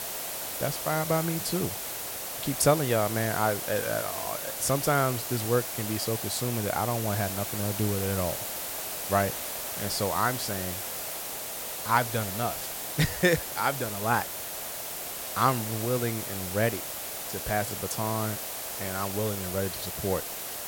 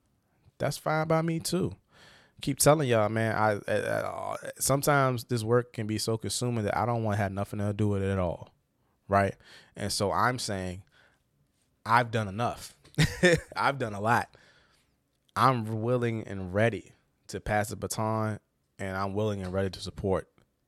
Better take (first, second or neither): second